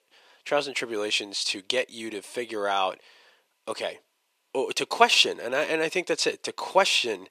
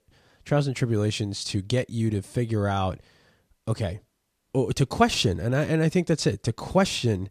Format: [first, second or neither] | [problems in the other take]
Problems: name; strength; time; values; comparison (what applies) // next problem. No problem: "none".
second | thin; very; fading below 400 Hz